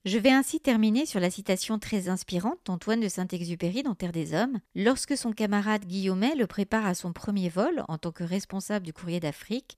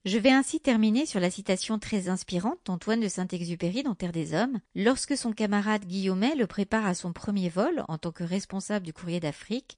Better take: first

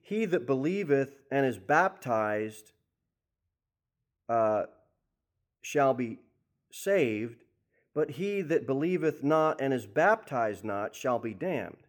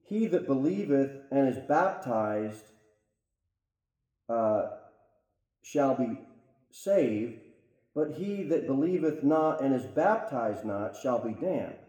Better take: first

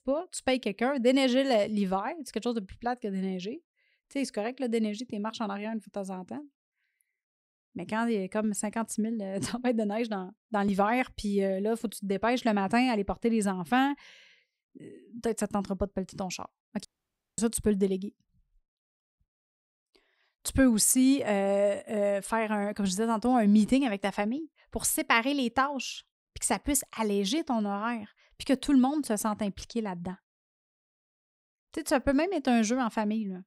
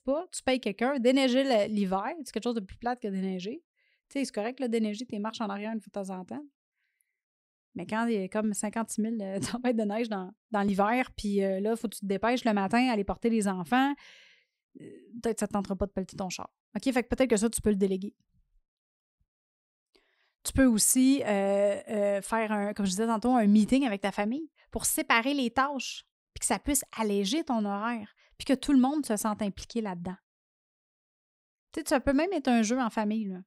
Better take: second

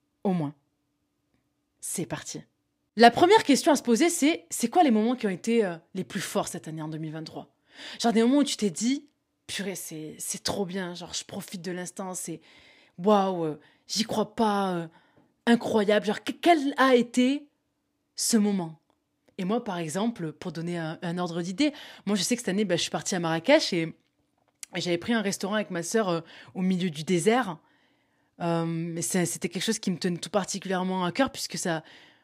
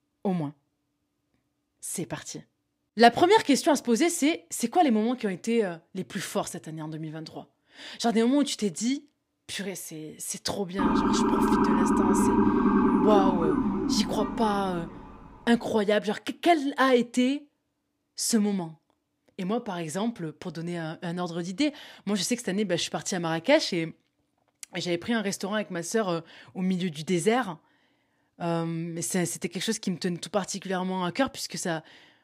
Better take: first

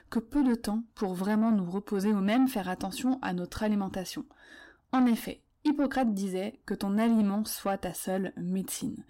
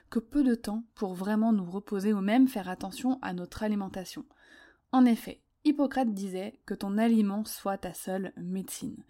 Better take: second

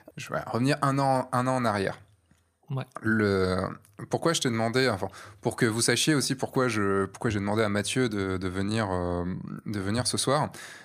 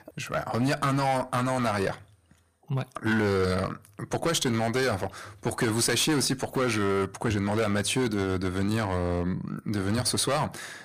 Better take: first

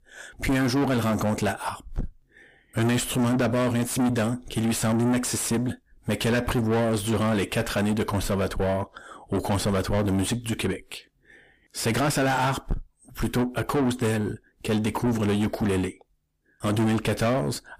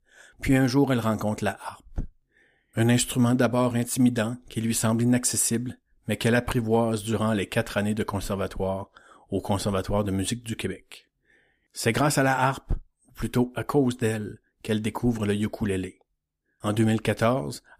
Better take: second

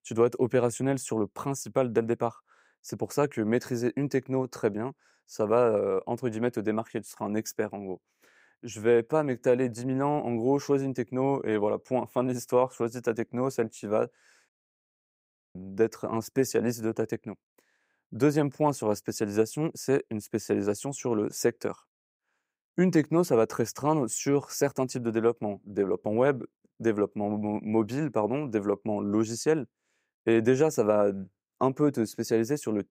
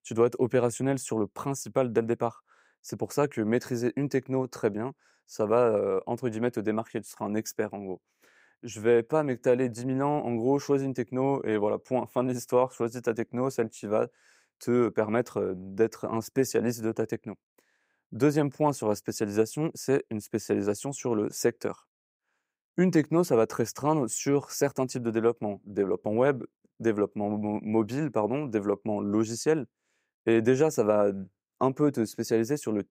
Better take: second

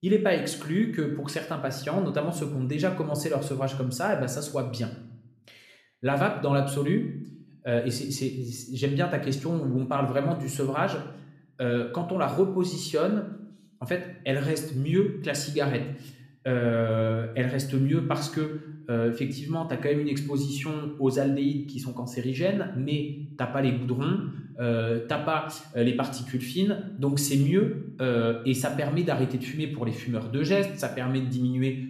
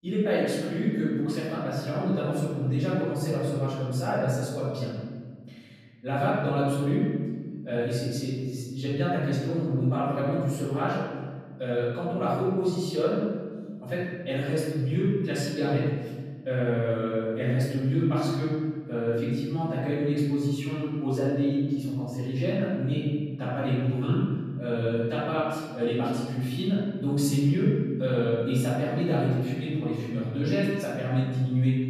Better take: first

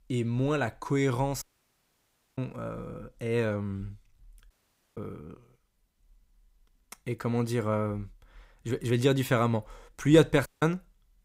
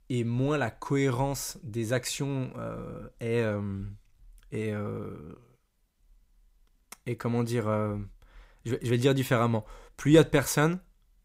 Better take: second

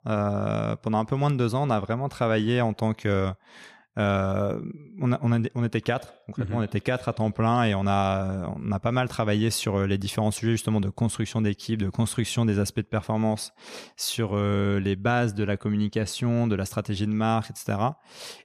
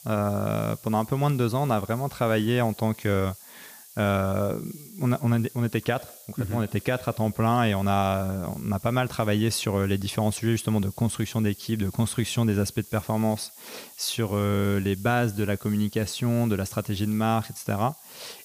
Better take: first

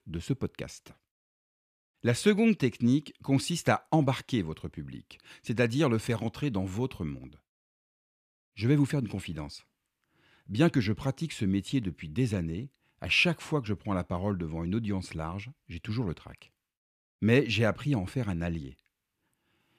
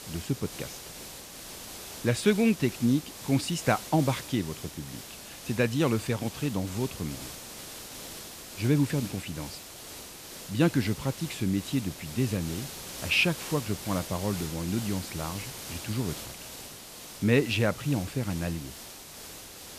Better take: first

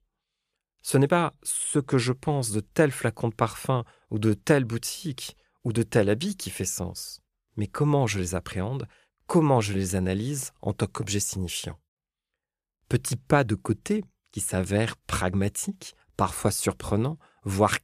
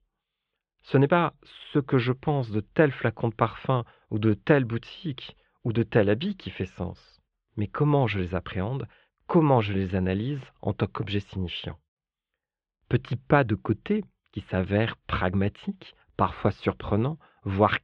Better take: first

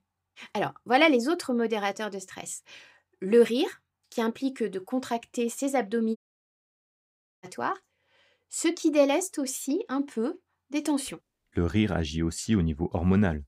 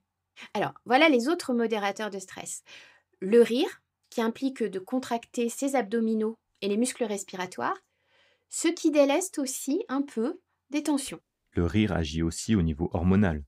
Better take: second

